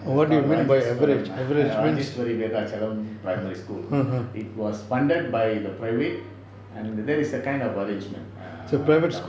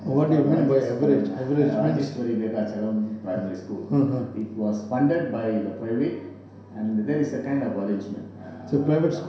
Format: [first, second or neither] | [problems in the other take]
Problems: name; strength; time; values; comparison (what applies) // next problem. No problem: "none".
first | room echo; dies away in 0.7 s